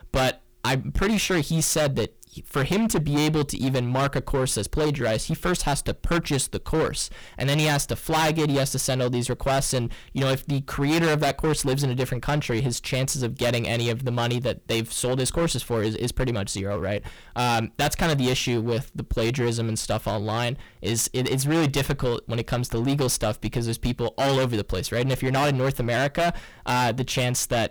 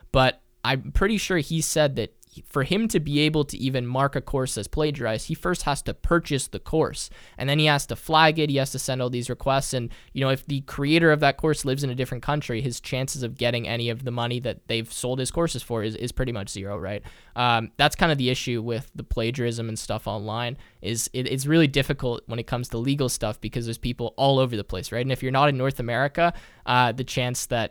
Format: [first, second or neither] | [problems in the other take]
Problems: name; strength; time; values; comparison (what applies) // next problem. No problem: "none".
second | distortion; heavy; 17% of the sound clipped